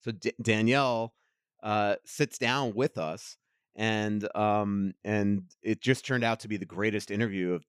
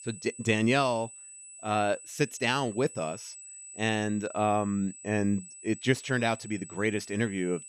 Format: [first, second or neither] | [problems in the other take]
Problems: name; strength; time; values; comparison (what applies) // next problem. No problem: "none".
first | high-pitched whine; noticeable; throughout; 8 kHz, 15 dB below the speech